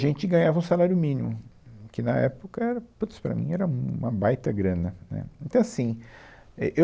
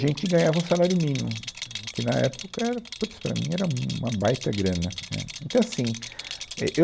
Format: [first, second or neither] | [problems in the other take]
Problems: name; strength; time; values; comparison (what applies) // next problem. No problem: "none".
first | background sound (Rattle); 12 dB below the speech